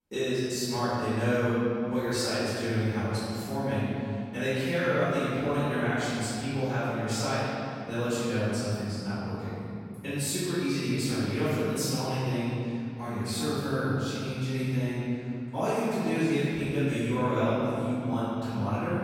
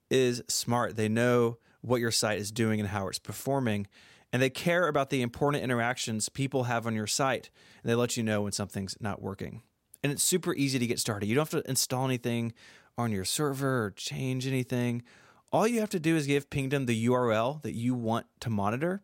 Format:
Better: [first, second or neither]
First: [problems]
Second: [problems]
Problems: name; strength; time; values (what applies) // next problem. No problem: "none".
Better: second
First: off-mic speech; far // room echo; strong; dies away in 2.4 s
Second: none